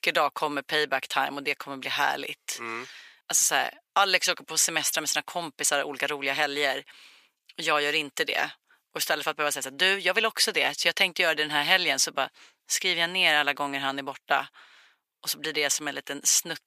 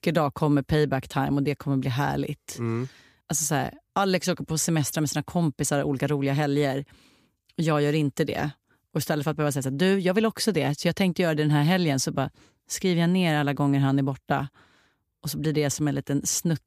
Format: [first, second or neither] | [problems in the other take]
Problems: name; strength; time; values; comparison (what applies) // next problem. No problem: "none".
second | thin; very; fading below 750 Hz